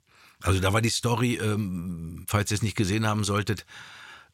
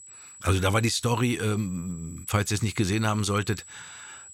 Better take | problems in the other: first | high-pitched whine; noticeable; throughout; 8 kHz, 20 dB below the speech

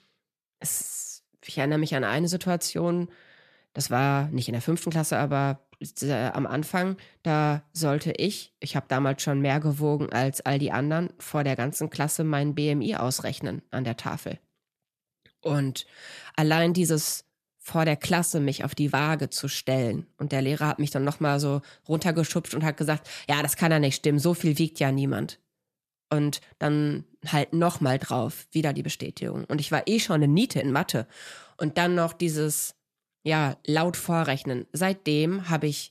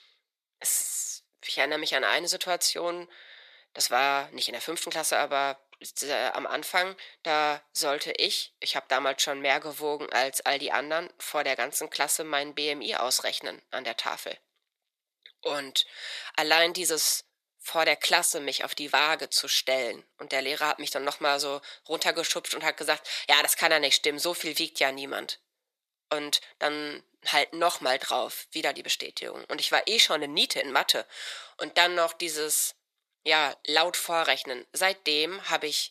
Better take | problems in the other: first | thin; very; fading below 500 Hz

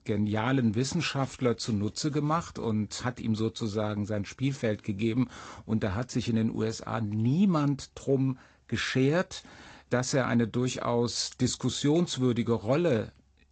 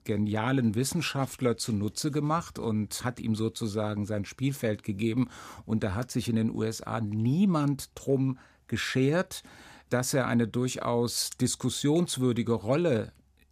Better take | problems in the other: second | garbled, watery; slightly; nothing above 8 kHz

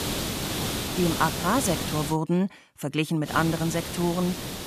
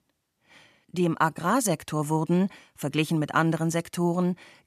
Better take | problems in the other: second | hiss; loud; until 2 s and from 3.5 s on; 4 dB below the speech

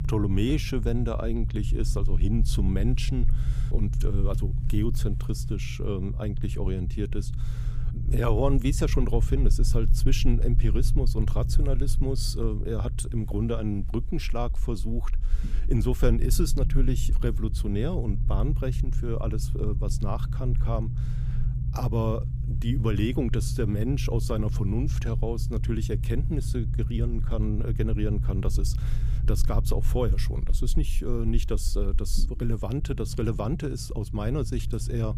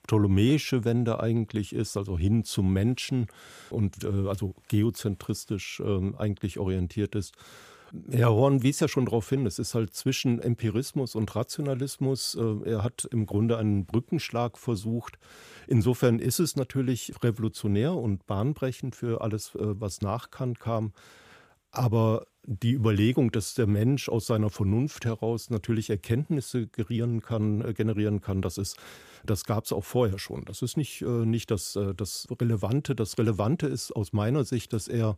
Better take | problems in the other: second | low rumble; noticeable; throughout; 10 dB below the speech

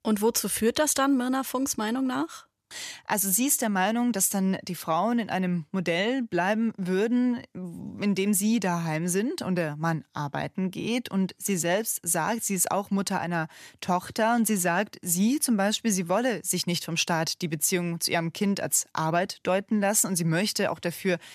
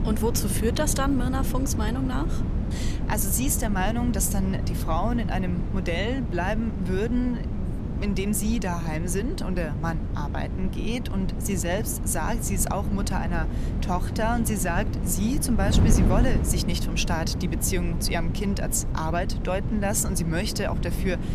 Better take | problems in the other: first | wind noise on the microphone; heavy; 8 dB below the speech

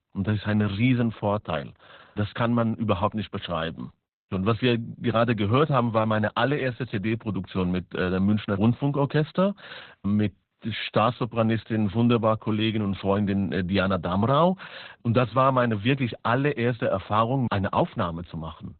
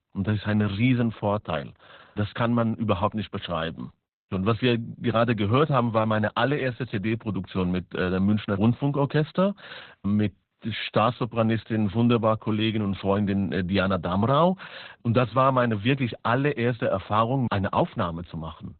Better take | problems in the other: neither | garbled, watery; badly; nothing above 4 kHz; the same in both

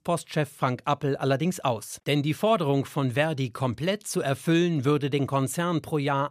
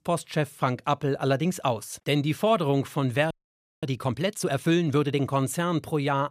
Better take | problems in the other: first | audio freezing; at 3.5 s for 0.5 s

